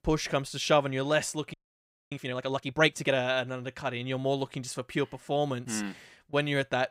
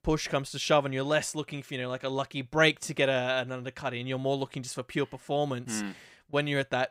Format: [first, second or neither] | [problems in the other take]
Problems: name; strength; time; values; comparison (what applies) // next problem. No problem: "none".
second | audio freezing; at 1.5 s for 0.5 s